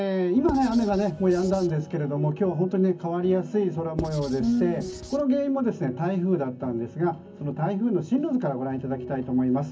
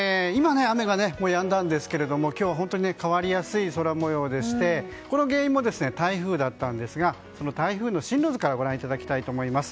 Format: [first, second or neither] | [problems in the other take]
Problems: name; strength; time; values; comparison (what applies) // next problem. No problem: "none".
second | background sound (Writing); 13 dB below the speech // room echo; dies away in 0.3 s